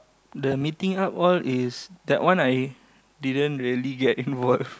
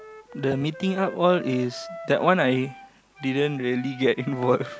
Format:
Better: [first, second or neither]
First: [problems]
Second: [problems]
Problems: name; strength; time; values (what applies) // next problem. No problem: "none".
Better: first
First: none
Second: background sound (Wind instrument, woodwind instrument); 17 dB below the speech